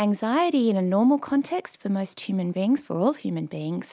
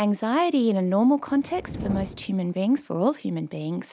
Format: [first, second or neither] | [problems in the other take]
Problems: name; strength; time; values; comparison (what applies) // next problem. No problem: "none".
first | background sound (Fire); 14 dB below the speech